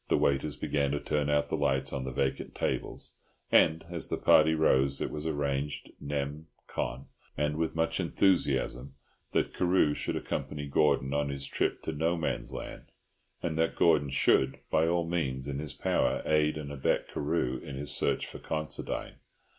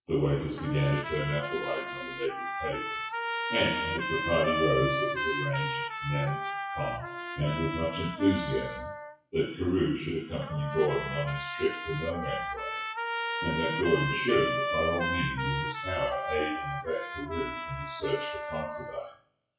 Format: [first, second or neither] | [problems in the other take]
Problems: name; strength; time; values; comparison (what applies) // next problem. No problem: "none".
first | noise reduction (classical method WPE with log-MMSE)